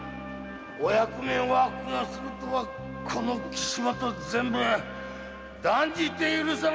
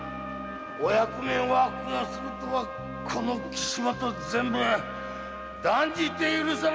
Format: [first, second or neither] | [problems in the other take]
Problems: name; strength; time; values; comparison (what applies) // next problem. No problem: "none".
first | background sound (Wind instrument, woodwind instrument); 13 dB below the speech